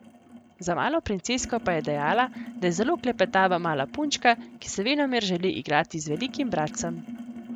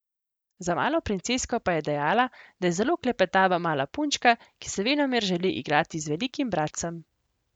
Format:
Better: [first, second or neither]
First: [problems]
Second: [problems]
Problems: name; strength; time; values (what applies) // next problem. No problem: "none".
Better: second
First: background sound (Sink (filling or washing)); 14 dB below the speech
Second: none